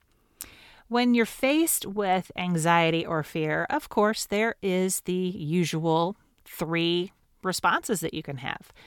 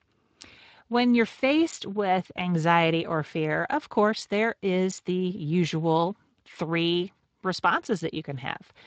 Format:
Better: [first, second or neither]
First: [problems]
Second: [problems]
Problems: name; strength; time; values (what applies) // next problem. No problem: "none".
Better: first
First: none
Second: garbled, watery; slightly; nothing above 7.5 kHz